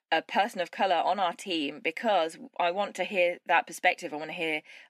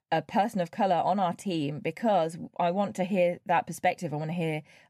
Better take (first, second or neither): second